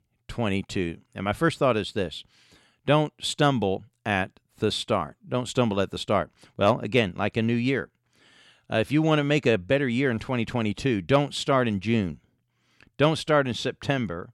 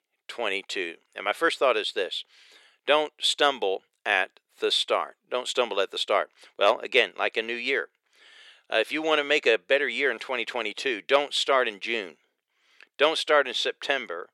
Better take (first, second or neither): first